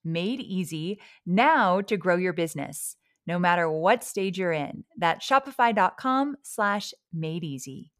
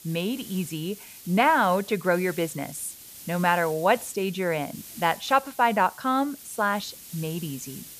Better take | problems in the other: first | hiss; noticeable; throughout; 15 dB below the speech

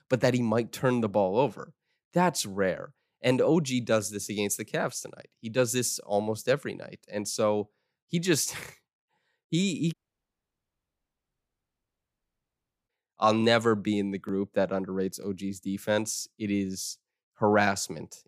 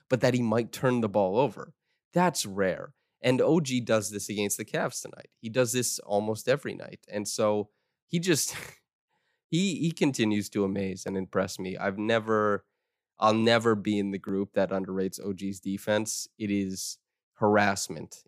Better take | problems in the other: second | audio cutting out; at 10 s for 3 s

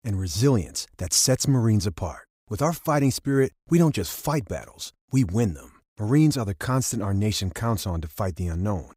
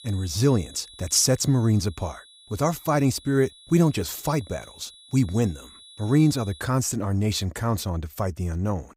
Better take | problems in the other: first | high-pitched whine; faint; until 6.5 s; 4 kHz, 20 dB below the speech

